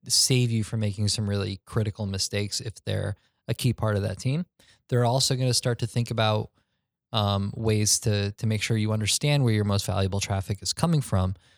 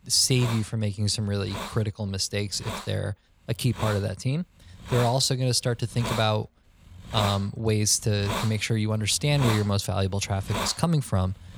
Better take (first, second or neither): first